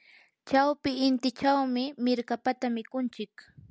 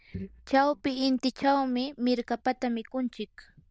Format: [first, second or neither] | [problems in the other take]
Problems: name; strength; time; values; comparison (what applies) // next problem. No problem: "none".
first | noise reduction (neural diffusion model UNIVERSE++)